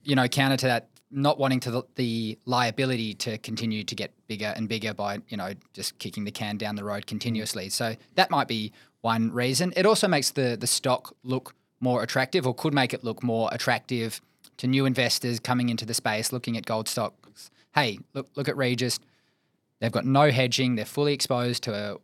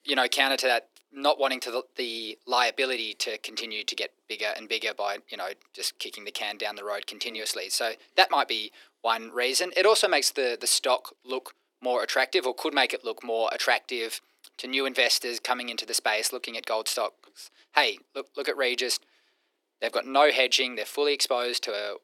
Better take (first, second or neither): first